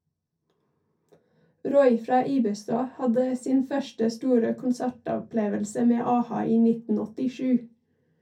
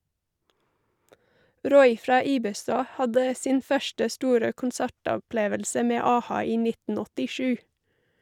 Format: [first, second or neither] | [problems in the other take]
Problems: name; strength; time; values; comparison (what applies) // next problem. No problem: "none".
second | room echo; dies away in 0.2 s